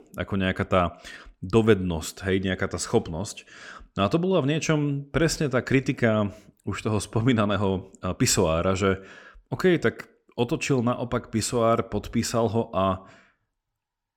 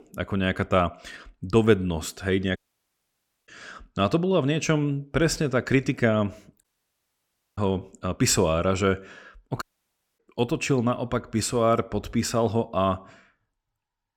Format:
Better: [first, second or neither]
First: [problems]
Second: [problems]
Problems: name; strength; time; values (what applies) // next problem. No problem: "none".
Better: first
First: none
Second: audio cutting out; at 2.5 s for 1 s, at 6.5 s for 1 s and at 9.5 s for 0.5 s